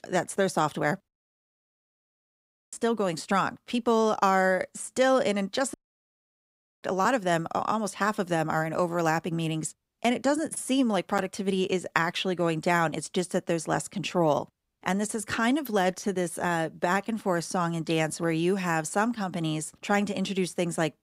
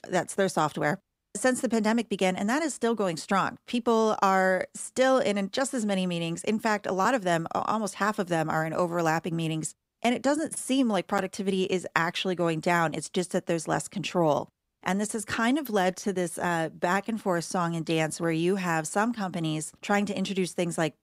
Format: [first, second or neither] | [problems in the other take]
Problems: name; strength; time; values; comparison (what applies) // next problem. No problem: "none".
second | audio cutting out; at 1 s for 1.5 s and at 5.5 s for 1 s